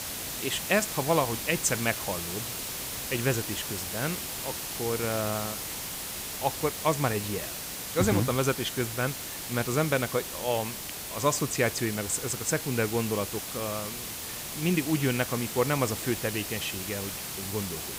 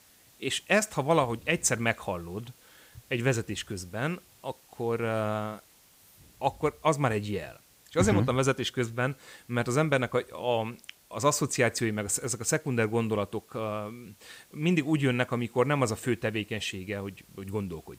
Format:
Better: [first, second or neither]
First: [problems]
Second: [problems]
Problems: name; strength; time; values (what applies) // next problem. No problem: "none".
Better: second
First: hiss; loud; throughout; 4 dB below the speech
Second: hiss; faint; throughout; 30 dB below the speech